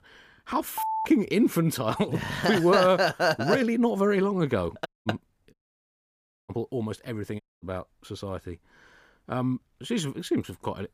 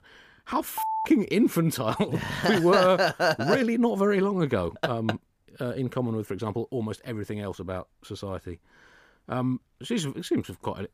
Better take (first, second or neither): second